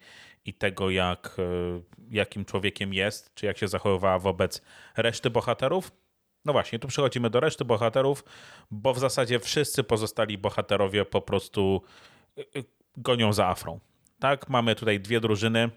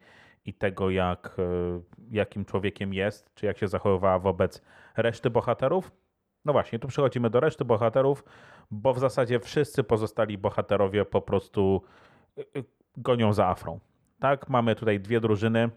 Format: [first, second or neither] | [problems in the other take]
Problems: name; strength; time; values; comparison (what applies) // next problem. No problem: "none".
first | muffled; slightly; fading above 2 kHz